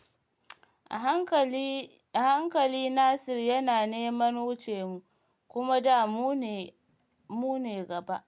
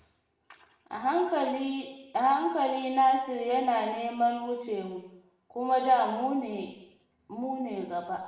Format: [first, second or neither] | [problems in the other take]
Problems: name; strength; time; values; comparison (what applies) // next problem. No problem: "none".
first | room echo; dies away in 0.8 s